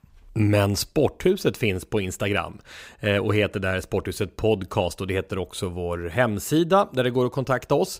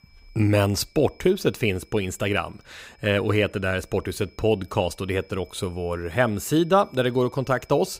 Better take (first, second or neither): first